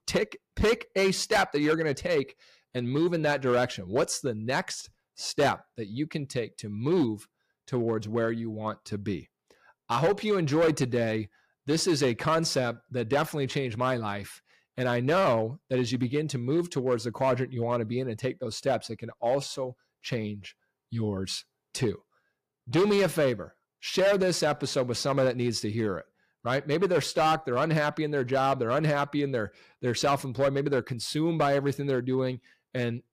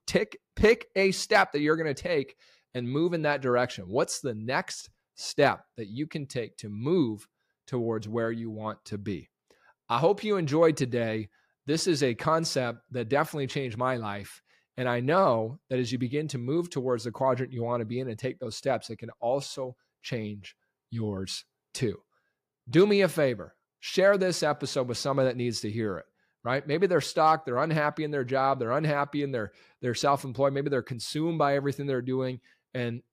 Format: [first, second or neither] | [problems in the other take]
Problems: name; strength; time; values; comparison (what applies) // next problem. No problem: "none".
second | distortion; slight; 5% of the sound clipped